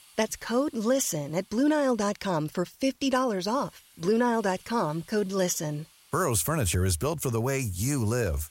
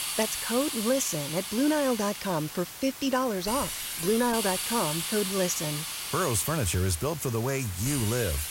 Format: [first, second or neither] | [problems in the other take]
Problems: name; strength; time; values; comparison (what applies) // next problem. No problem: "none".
first | hiss; loud; throughout; 4 dB below the speech; faint in the first